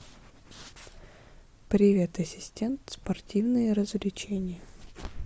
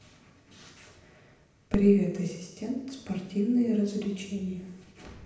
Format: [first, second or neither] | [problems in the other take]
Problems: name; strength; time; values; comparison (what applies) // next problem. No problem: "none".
first | background sound (Fireworks); 15 dB below the speech // room echo; dies away in 0.8 s